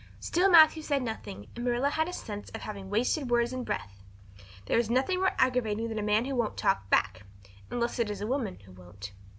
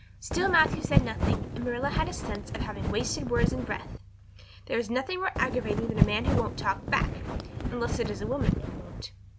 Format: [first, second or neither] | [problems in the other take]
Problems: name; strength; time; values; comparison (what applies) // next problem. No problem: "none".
first | background sound (Wind); 2 dB above the speech